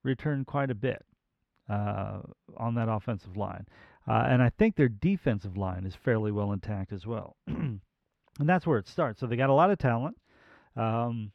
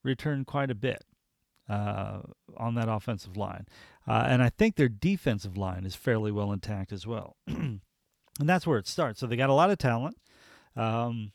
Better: second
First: muffled; slightly; fading above 4 kHz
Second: none

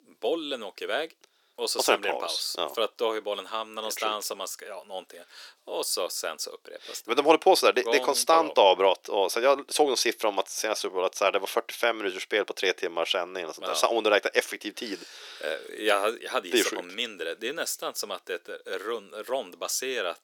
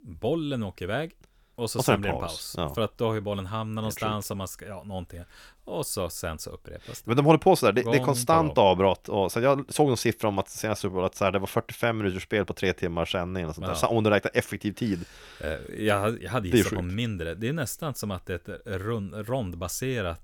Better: second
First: thin; very; fading below 350 Hz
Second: none

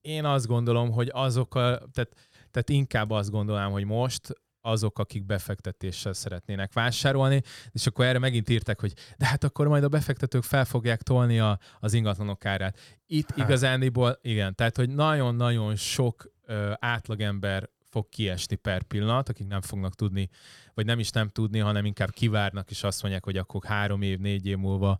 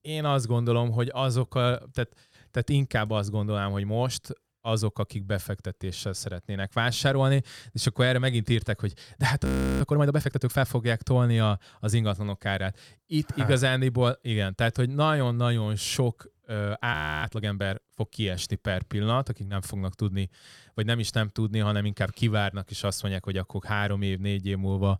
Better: first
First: none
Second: audio freezing; at 9.5 s and at 17 s

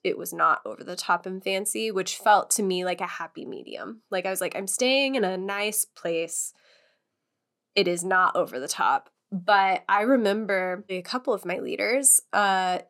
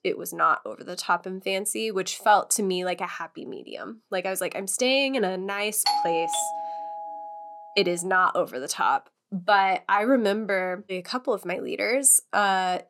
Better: first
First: none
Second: doorbell; loud; from 6 to 7.5 s; peak level with the speech

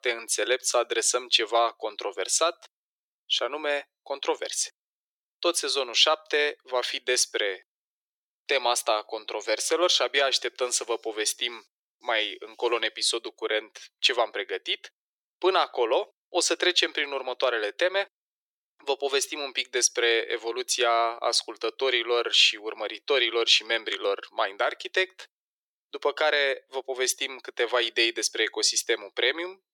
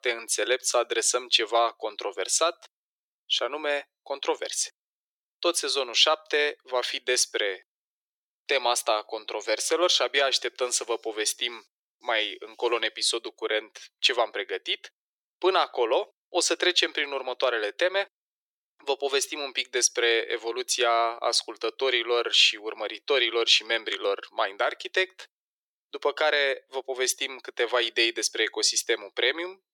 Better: neither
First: thin; very; fading below 350 Hz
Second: thin; very; fading below 350 Hz

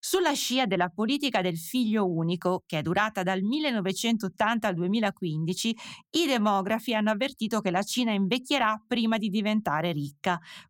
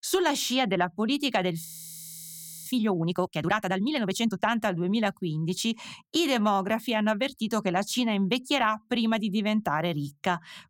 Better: first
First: none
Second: audio freezing; at 1.5 s for 1 s

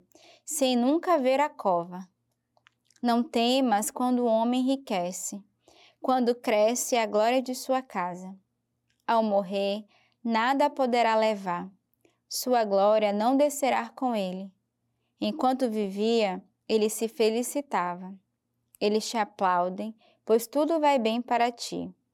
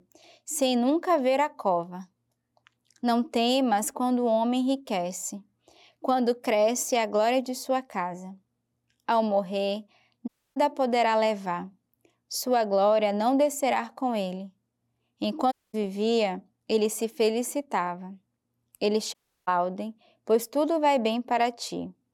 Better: first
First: none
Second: audio cutting out; at 10 s, at 16 s and at 19 s

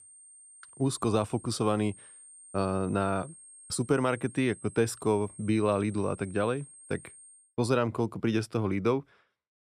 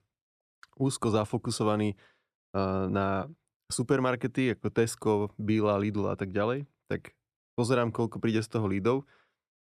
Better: second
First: high-pitched whine; noticeable; until 7.5 s; 8.5 kHz, 20 dB below the speech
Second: none

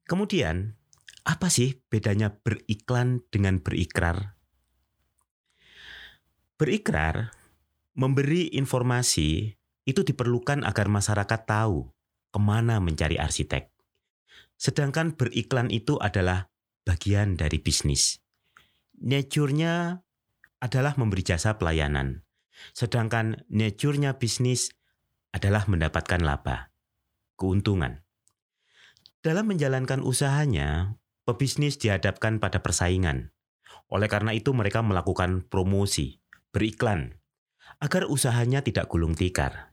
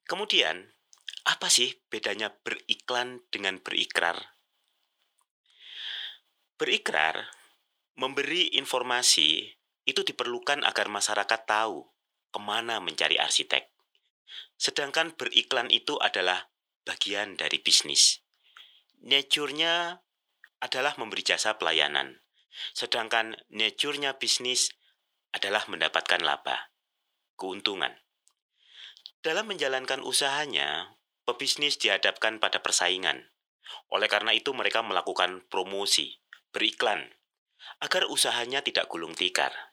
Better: first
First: none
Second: thin; very; fading below 400 Hz

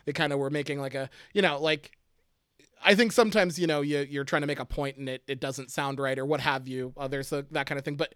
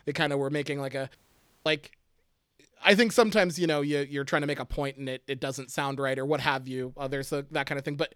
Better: first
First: none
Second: audio cutting out; at 1 s for 0.5 s

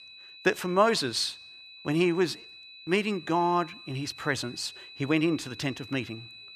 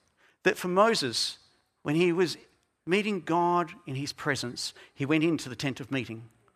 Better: second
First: high-pitched whine; noticeable; throughout; 4 kHz, 15 dB below the speech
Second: none

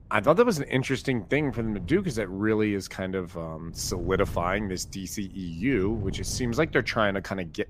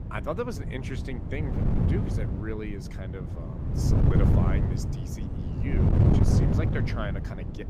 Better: first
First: wind noise on the microphone; occasional gusts; 25 dB below the speech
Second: wind noise on the microphone; heavy; 2 dB above the speech

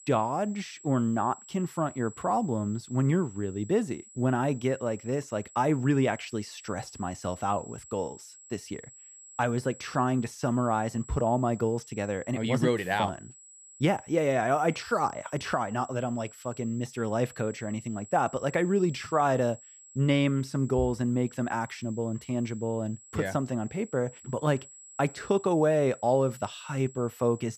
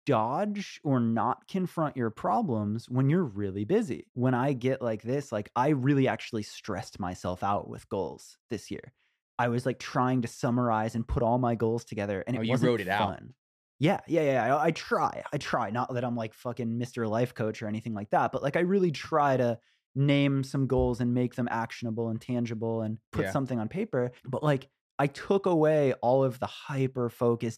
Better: second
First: high-pitched whine; noticeable; throughout; 7.5 kHz, 20 dB below the speech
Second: none

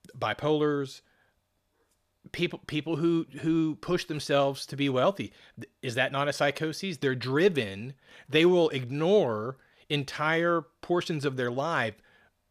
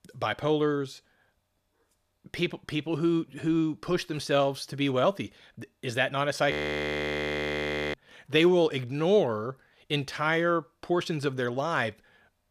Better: first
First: none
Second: audio freezing; at 6.5 s for 1.5 s

